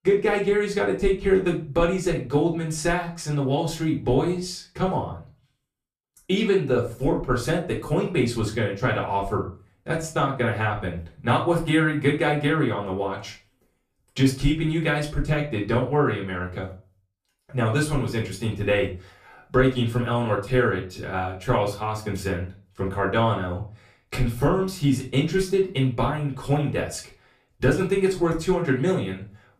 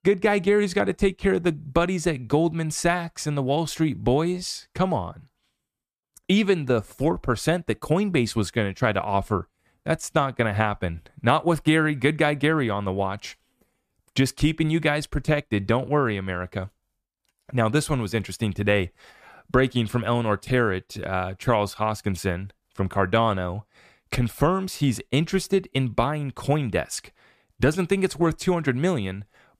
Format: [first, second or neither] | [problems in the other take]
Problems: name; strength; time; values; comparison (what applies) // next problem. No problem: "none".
second | off-mic speech; far // room echo; slight; dies away in 0.3 s